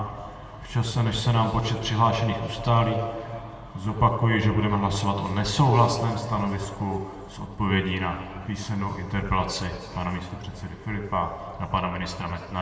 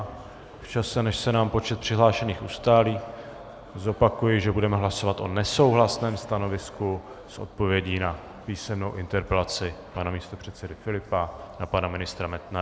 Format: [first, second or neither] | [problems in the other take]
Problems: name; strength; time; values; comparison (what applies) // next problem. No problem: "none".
second | room echo; dies away in 2.2 s